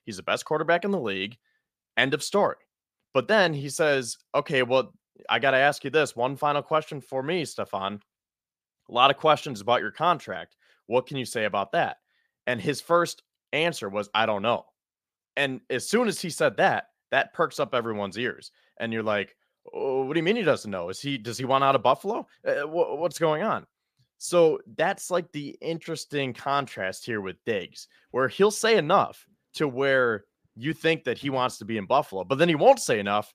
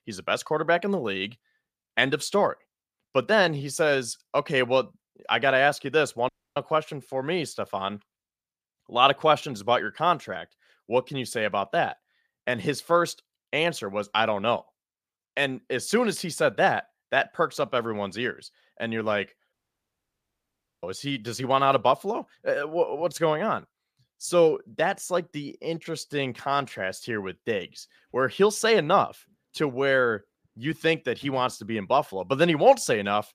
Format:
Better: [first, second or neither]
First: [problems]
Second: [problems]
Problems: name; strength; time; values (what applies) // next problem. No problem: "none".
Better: first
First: none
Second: audio cutting out; at 6.5 s and at 20 s for 1.5 s